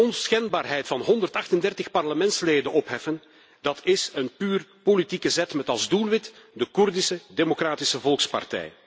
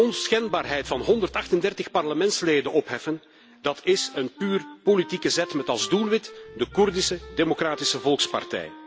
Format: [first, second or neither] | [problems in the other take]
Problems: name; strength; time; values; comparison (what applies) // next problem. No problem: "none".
first | background sound (Growling + Wind instrument, woodwind instrument); 18 dB below the speech